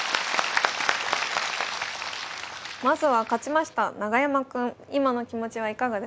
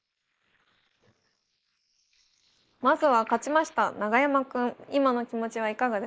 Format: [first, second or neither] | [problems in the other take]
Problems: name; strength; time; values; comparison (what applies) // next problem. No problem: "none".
first | noise reduction (neural mask model Resemble Enhance denoiser)